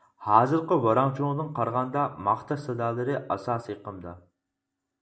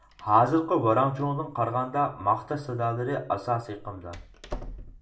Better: first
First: none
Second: background sound (Door); 18 dB below the speech // room echo; dies away in 0.2 s

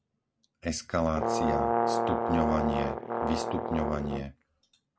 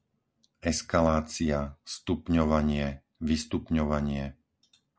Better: second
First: background sound (Brass instrument); 2 dB above the speech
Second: none

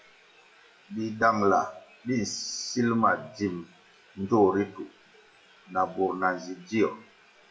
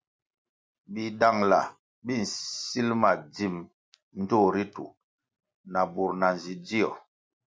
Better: second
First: noise reduction (classical method WPE with log-MMSE)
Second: none

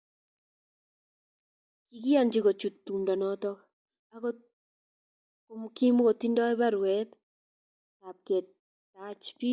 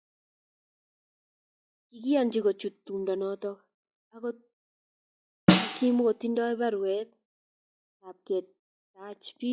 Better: first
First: none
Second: noise reduction (classical method log-MMSE)

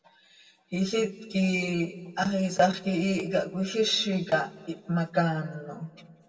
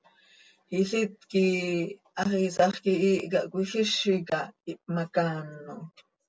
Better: second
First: room echo; dies away in 1.2 s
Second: none

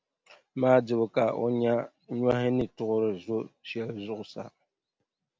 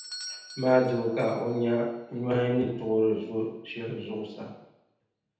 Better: first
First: none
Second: background sound (Bell / Doorbell); 20 dB below the speech // room echo; dies away in 0.9 s

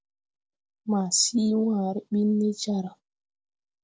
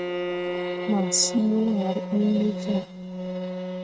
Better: first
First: none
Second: noise reduction (neural mask model RNNoise)

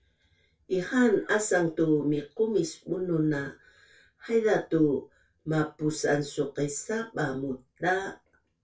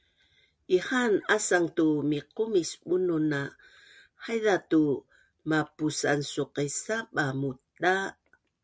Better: second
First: room echo; dies away in 0.2 s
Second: none

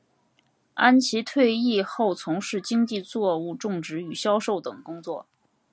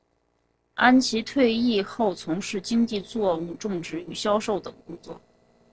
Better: first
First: none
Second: noise reduction (neural separator model SepFormer DNS4)

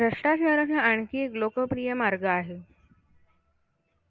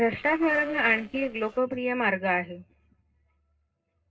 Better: first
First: none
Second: noise reduction (neural separator model SepFormer DNS4)

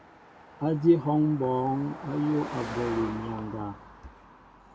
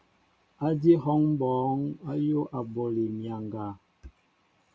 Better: second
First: background sound (Car passing by); 13 dB below the speech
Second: none

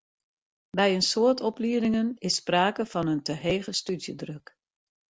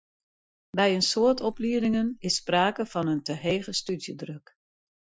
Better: first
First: none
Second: noise reduction (classical method Wiener filter)

